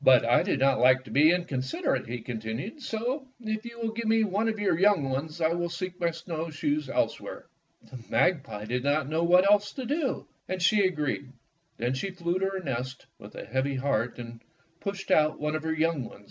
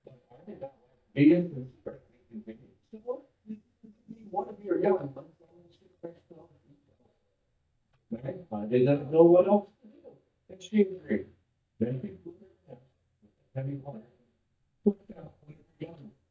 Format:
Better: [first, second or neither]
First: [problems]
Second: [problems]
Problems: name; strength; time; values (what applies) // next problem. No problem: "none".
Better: first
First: none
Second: noise reduction (neural mask model DeepFilterNet 3)